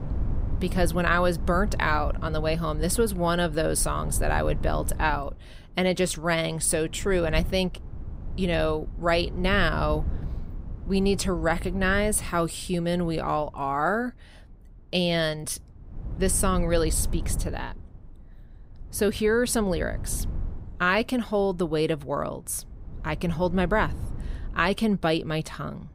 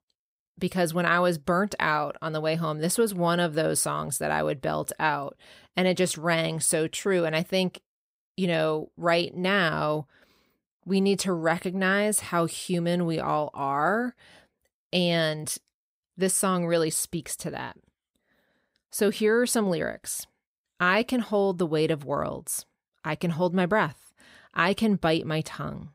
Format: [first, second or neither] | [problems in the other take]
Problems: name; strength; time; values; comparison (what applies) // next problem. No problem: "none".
second | wind noise on the microphone; occasional gusts; 20 dB below the speech